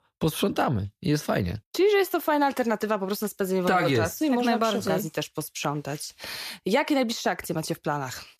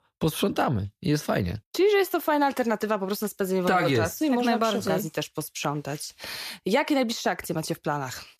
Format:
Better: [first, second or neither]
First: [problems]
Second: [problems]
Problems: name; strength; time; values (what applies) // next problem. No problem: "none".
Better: neither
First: none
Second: none